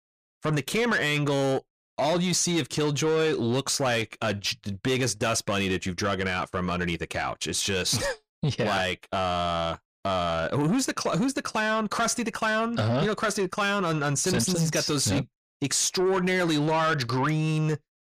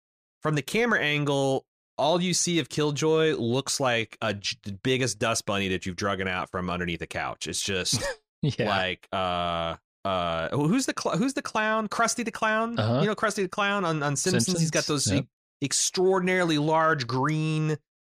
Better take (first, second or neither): second